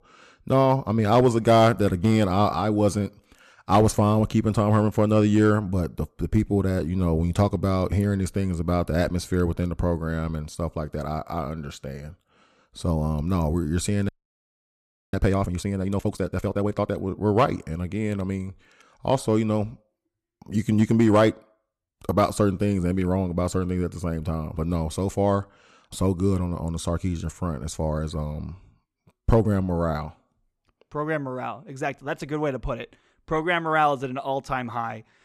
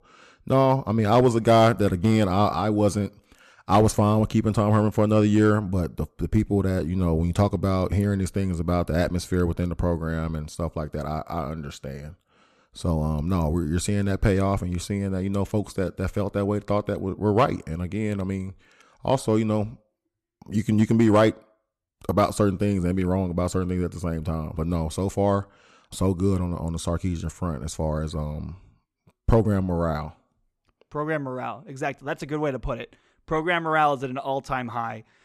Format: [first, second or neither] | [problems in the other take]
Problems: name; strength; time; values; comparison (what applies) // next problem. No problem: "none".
second | audio freezing; at 14 s for 1 s